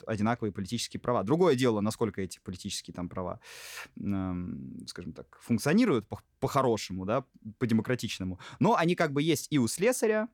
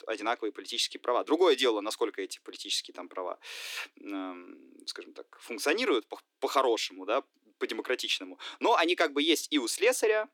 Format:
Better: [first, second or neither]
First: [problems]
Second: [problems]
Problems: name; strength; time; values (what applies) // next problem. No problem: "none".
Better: first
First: none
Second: thin; somewhat; fading below 300 Hz